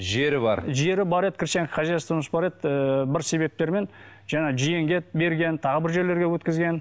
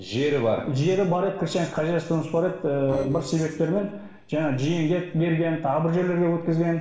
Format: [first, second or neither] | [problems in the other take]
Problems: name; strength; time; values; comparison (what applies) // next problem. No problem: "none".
first | noise reduction (neural separator model SepFormer DNS4)